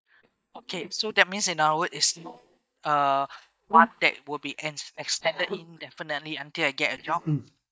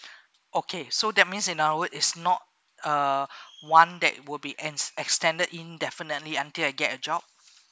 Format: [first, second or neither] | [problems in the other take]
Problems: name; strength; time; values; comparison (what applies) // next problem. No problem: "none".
second | noise reduction (neural mask model DeepFilterNet 3)